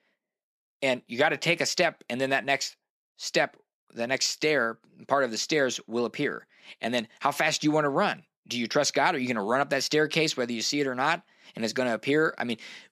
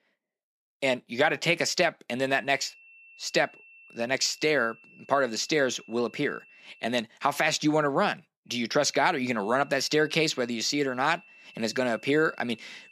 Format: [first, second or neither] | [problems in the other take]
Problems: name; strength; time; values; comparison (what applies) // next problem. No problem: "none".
first | high-pitched whine; faint; from 2 to 7 s and from 9 s on; 2.5 kHz, 25 dB below the speech